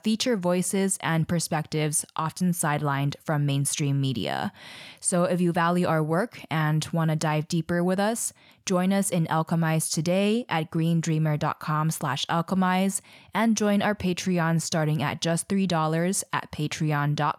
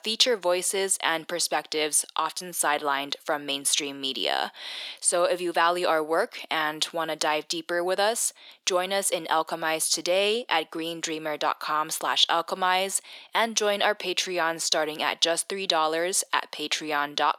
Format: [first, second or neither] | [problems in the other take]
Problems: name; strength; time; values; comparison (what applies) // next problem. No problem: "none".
first | thin; very; fading below 350 Hz